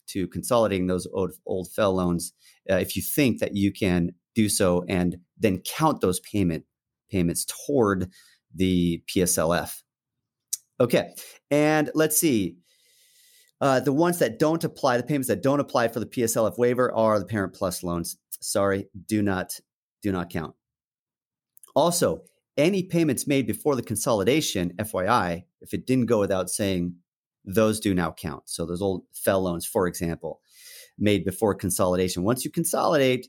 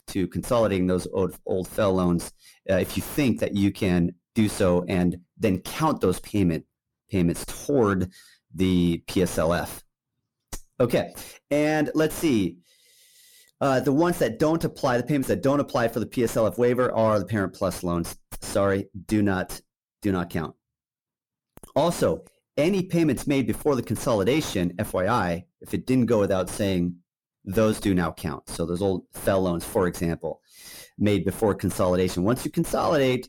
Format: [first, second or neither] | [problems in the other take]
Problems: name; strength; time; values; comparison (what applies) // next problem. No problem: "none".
first | distortion; slight; 8 dB below the speech